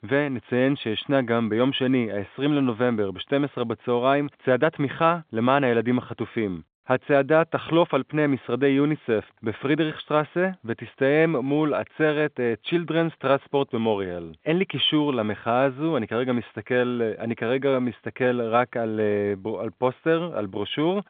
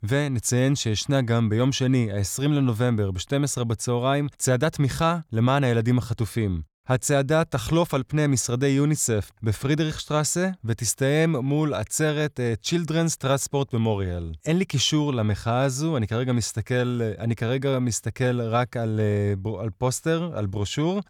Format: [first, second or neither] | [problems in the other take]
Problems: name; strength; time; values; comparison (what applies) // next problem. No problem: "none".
second | phone-call audio; nothing above 3 kHz